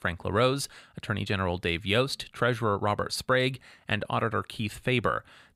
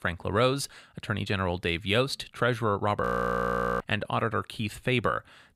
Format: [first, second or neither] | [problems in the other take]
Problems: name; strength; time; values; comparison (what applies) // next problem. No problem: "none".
first | audio freezing; at 3 s for 1 s